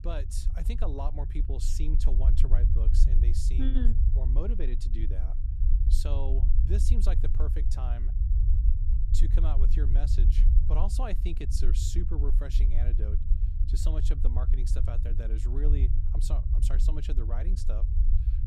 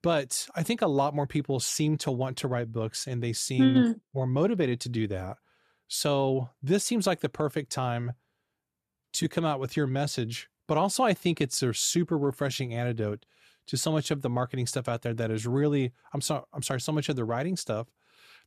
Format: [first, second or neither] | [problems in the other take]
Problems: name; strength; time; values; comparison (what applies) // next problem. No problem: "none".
second | low rumble; loud; throughout; 5 dB below the speech